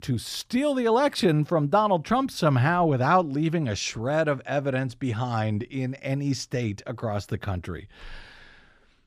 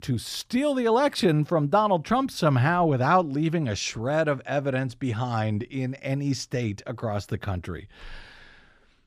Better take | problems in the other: neither | none

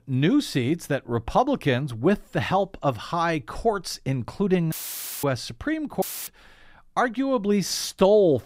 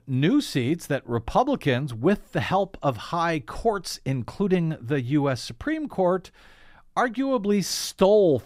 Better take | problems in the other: second | audio cutting out; filled with static; at 4.5 s for 0.5 s and at 6 s

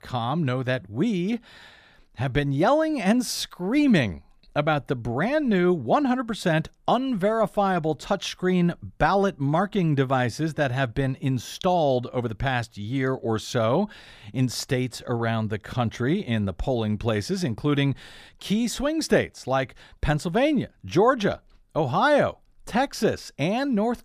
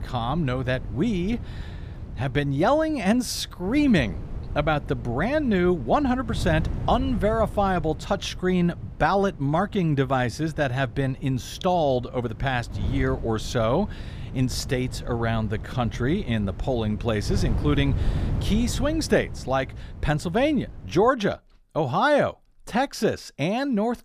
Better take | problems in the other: first | wind noise on the microphone; occasional gusts; until 21 s; 20 dB below the speech

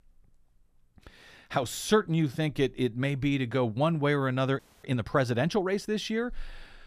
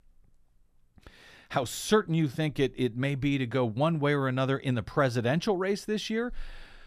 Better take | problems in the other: second | audio freezing; at 4.5 s

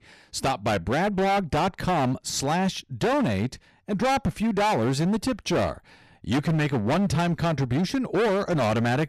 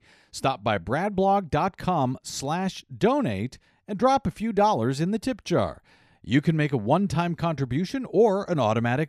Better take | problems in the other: second | distortion; heavy; 23% of the sound clipped

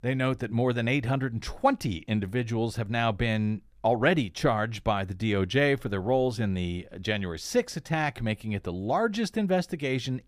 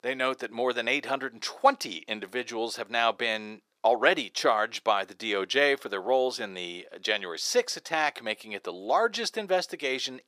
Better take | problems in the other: first | thin; very; fading below 400 Hz

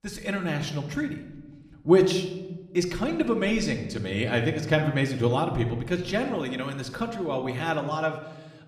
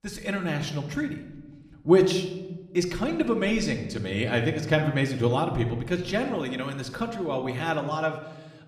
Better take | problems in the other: neither | room echo; slight; dies away in 0.8 s; the same in both

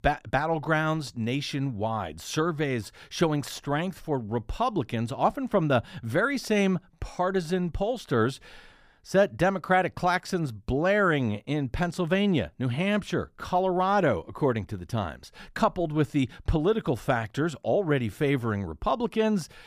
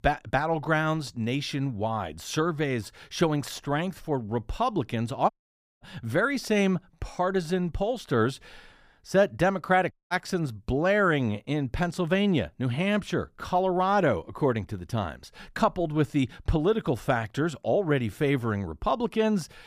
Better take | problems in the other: first | audio cutting out; at 5.5 s for 0.5 s and at 10 s

